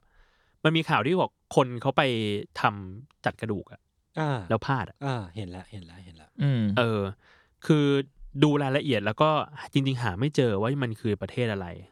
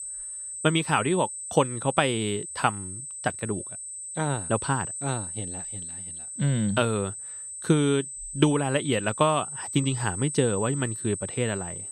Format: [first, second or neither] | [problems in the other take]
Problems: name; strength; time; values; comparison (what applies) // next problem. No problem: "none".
first | high-pitched whine; loud; throughout; 8.5 kHz, 7 dB below the speech